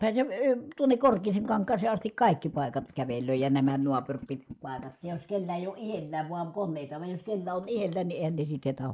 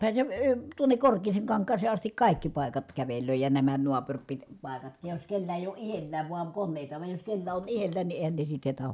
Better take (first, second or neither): second